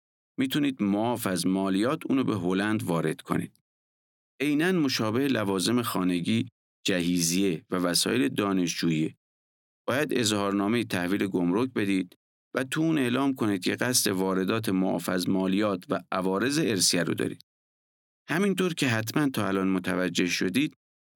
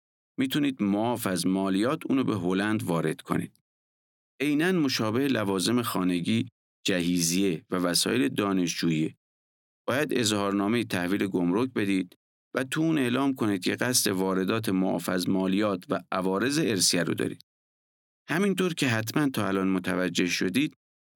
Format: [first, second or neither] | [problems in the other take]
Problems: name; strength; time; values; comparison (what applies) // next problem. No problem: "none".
neither | none